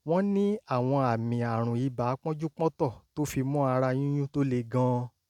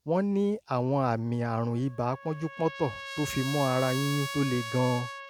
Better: first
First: none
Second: background sound (Trumpet); 11 dB below the speech

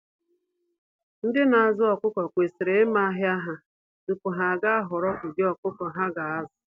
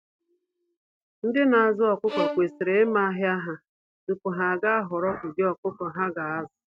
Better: first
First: none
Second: noise reduction (neural mask model RNNoise)

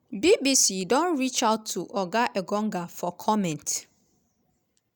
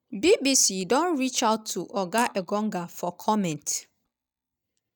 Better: first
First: none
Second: noise reduction (neural mask model DeepFilterNet 3)

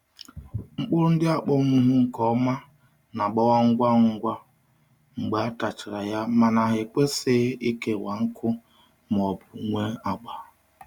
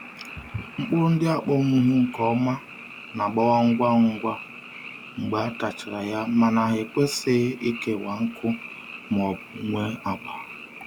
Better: first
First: none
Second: background sound (Frog); 16 dB below the speech

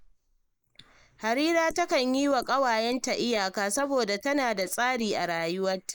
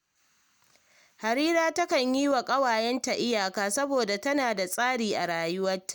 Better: second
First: noise reduction (neural mask model Resemble Enhance denoiser)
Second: none

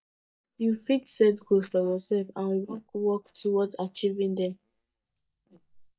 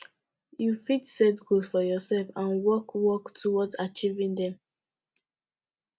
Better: second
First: noise reduction (neural mask model DeepFilterNet 3)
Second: none

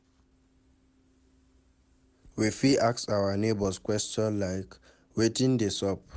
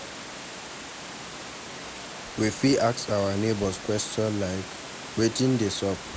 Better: first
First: none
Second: background sound (Water); 11 dB below the speech

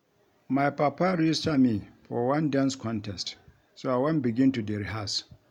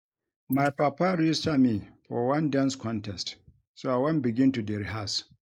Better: first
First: none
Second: noise reduction (neural mask model Resemble Enhance denoiser)

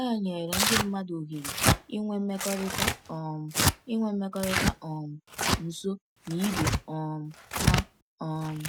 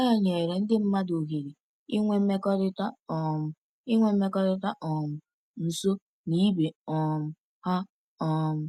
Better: second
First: background sound (Tearing); 2 dB above the speech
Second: none

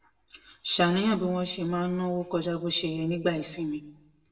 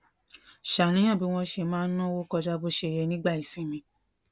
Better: second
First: room echo; dies away in 0.6 s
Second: none

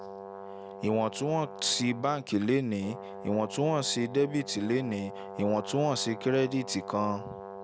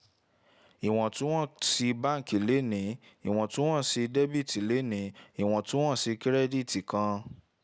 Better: second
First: background sound (Brass instrument); 13 dB below the speech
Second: none

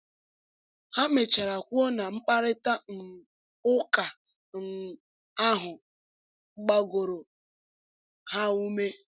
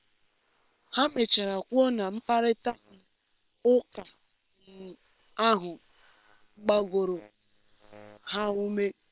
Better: first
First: none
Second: noise reduction (neural separator model SepFormer WHAM!)

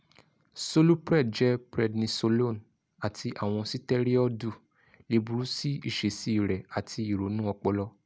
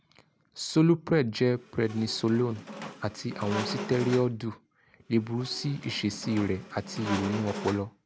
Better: first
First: none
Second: background sound (Squeak); 10 dB below the speech

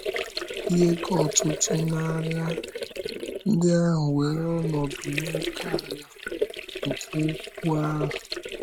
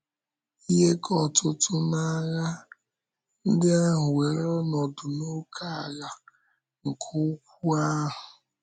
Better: second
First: noise reduction (neural mask model RNNoise)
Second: none

